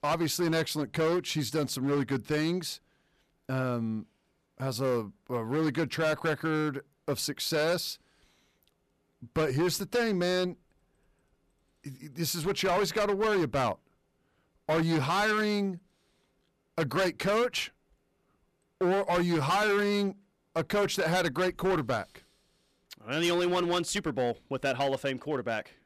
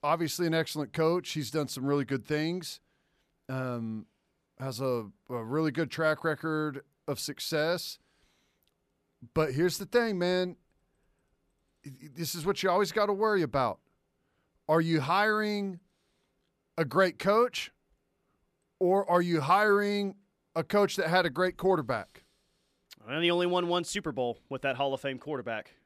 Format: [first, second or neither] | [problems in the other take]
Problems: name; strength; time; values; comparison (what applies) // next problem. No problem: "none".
second | distortion; heavy; 11% of the sound clipped